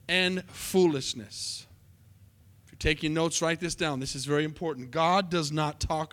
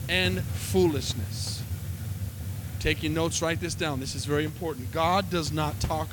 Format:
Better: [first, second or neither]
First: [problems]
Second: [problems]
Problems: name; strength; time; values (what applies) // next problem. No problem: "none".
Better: first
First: hiss; faint; throughout; 30 dB below the speech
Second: hiss; loud; throughout; 7 dB below the speech